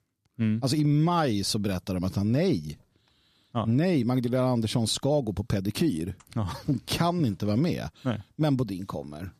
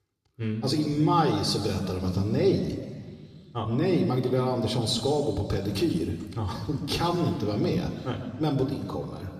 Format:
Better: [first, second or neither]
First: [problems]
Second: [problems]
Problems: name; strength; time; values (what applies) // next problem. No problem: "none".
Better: first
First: none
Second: room echo; slight; dies away in 2.1 s